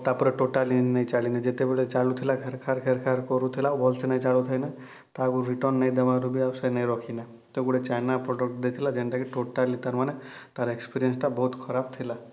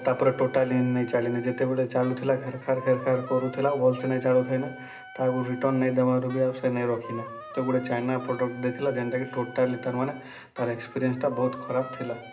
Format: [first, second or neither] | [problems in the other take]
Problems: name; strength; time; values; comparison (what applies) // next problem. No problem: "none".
first | background sound (Wind instrument, woodwind instrument); 17 dB below the speech // room echo; dies away in 0.2 s